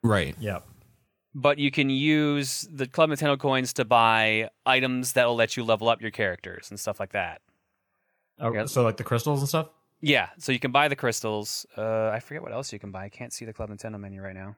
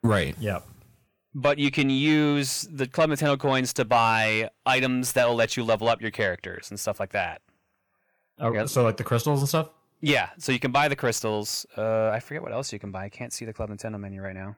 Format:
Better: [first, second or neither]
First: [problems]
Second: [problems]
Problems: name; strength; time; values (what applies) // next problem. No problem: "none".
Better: first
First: none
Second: distortion; slight; 10 dB below the speech